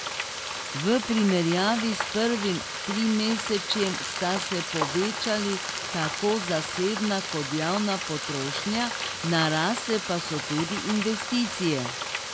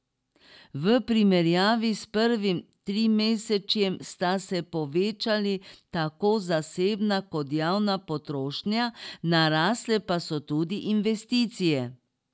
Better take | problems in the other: second | background sound (Frying (food)); 5 dB below the speech

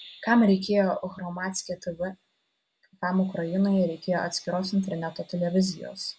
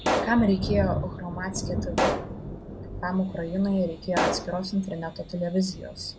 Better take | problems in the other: first | background sound (Explosion + Thunder); 2 dB below the speech

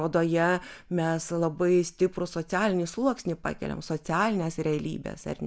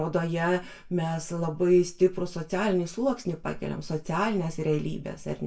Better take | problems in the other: first | room echo; dies away in 0.2 s

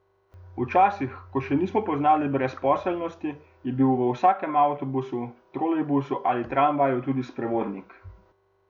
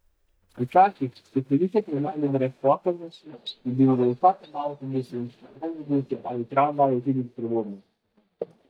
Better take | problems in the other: first | noise reduction (neural mask model DeepFilterNet 3)

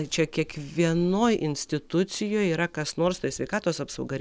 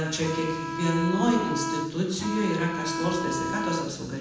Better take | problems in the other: first | background sound (Bowed string instrument); 3 dB below the speech // room echo; dies away in 1 s

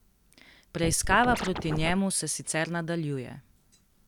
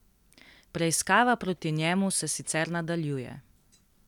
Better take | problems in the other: second | background sound (Scratching (performance technique)); 3 dB below the speech

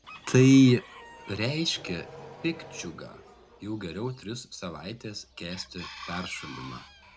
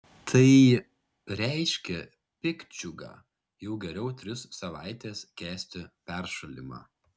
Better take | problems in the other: second | background sound (Accelerating, revving, vroom + Chicken, rooster); 19 dB below the speech

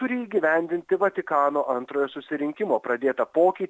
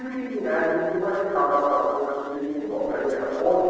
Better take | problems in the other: first | noise reduction (neural separator model SepFormer DNS4)

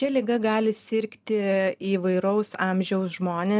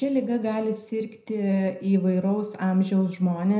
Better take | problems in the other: first | room echo; dies away in 0.5 s

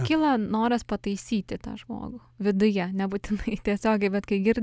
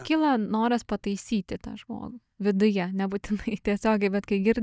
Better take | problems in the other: first | noise reduction (neural mask model DeepFilterNet 3)

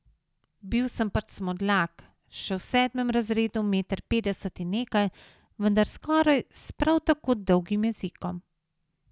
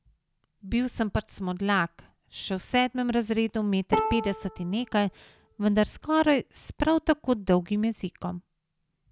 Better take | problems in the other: first | background sound (Bowed string instrument); 7 dB below the speech

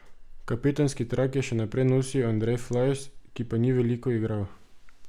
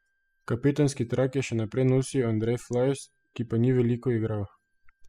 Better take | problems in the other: first | noise reduction (classical method spectral subtraction)

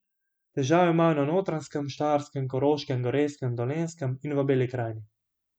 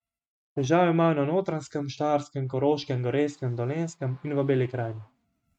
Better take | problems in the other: first | noise reduction (neural mask model RNNoise)

